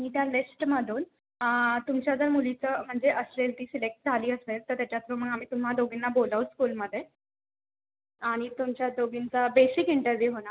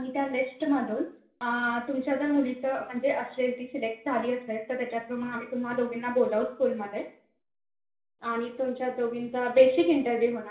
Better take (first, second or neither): first